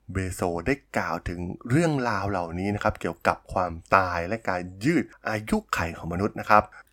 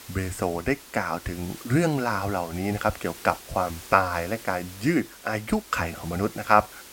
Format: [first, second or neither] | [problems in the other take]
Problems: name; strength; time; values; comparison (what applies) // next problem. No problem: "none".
first | hiss; noticeable; throughout; 15 dB below the speech